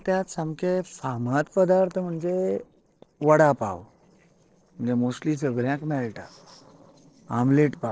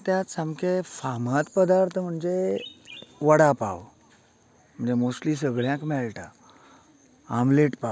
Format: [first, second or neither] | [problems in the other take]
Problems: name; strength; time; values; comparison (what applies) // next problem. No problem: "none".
second | noise reduction (neural separator model SepFormer DNS4)